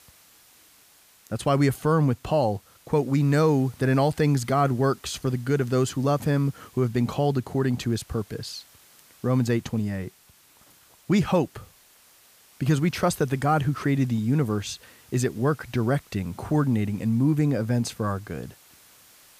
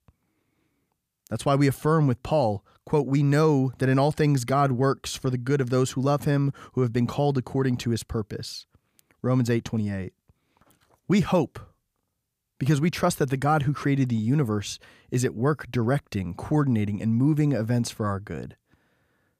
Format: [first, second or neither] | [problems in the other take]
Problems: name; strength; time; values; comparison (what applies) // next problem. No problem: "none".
second | hiss; faint; throughout; 30 dB below the speech